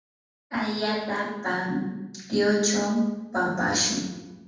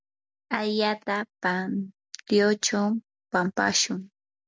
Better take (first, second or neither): second